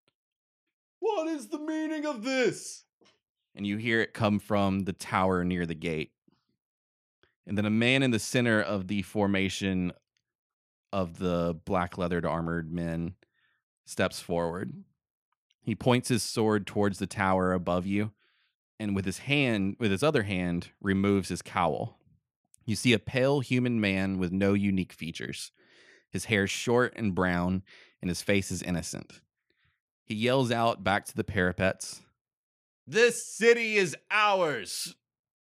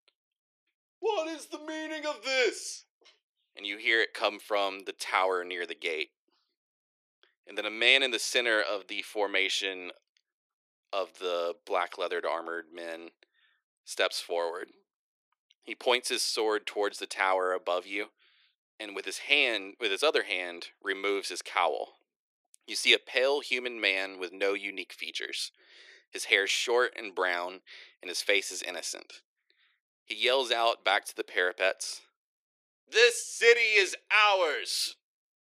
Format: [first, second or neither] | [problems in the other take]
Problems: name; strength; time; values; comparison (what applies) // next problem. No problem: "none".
first | thin; very; fading below 350 Hz